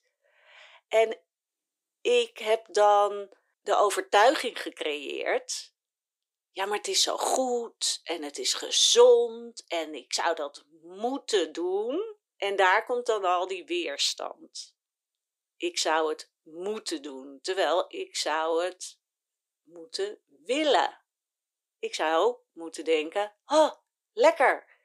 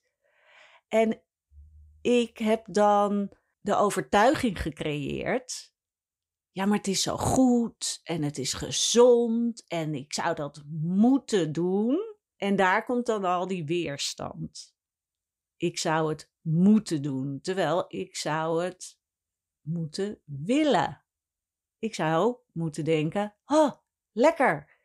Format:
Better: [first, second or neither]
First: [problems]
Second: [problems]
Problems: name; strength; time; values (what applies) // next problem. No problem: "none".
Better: second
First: thin; very; fading below 350 Hz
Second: none